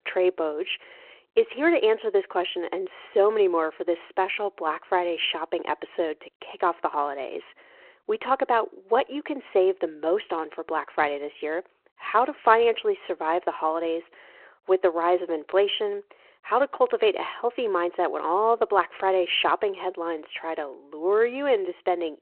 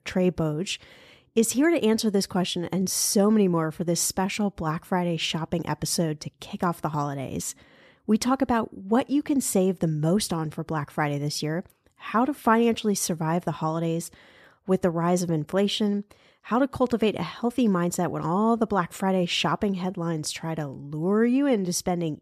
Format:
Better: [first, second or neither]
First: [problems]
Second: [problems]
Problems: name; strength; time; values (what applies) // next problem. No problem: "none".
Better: second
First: phone-call audio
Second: none